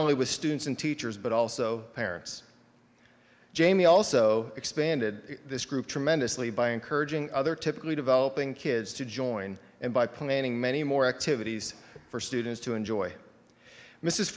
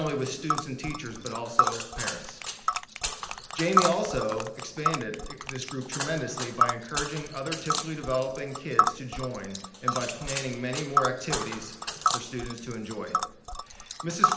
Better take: first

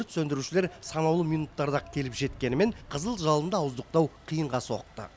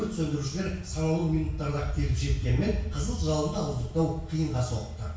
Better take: first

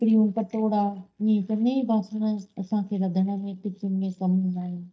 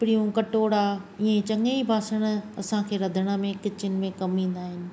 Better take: second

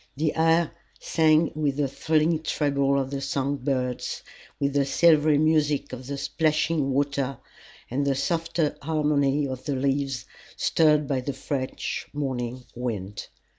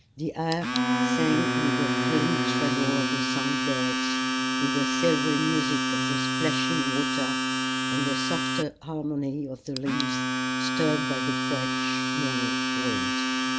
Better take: first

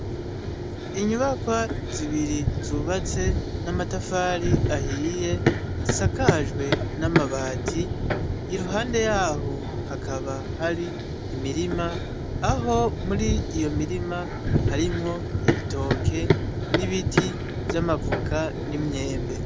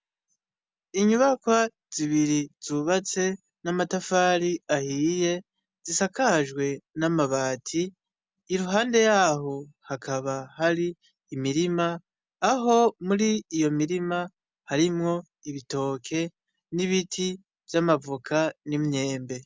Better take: second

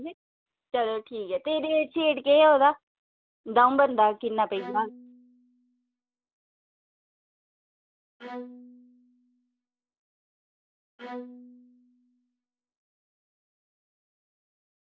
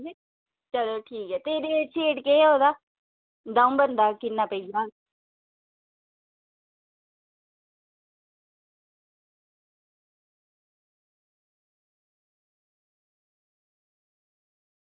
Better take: second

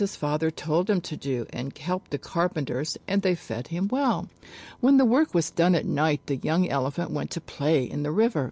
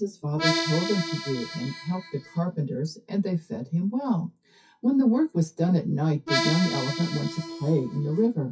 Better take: first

